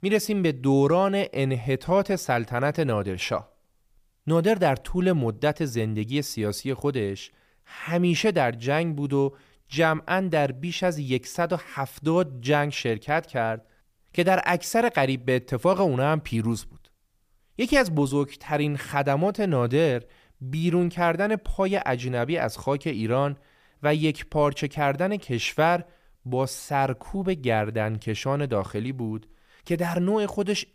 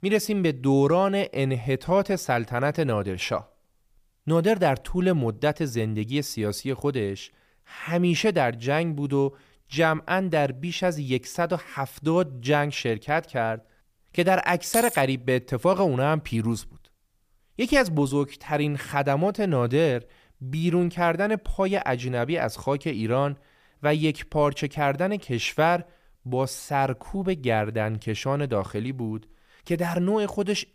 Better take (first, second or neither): first